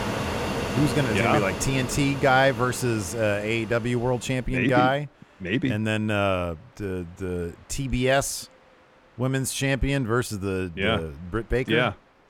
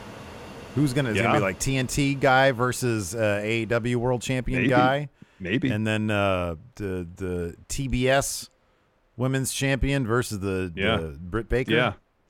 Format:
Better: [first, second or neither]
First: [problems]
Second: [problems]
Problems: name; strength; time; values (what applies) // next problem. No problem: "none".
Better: second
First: train or aircraft noise; loud; throughout; 7 dB below the speech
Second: train or aircraft noise; faint; throughout; 20 dB below the speech